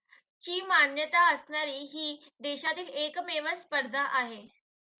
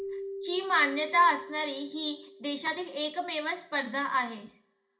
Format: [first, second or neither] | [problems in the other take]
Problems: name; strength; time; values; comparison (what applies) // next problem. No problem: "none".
first | background sound (Keyboard (musical)); 13 dB below the speech // room echo; dies away in 0.4 s